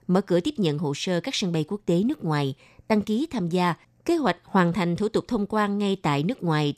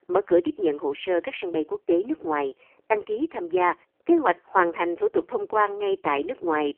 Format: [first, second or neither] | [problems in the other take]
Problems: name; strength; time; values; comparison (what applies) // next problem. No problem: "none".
first | phone-call audio; poor line; nothing above 3 kHz